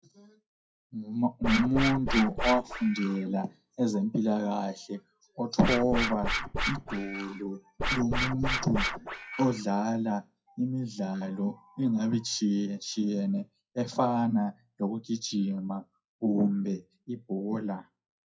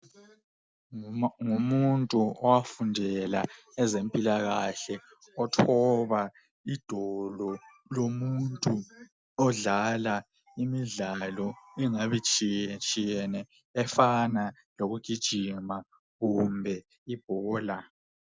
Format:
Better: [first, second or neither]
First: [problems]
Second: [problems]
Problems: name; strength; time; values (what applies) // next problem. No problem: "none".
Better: second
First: noise reduction (classical method WPE with log-MMSE)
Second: none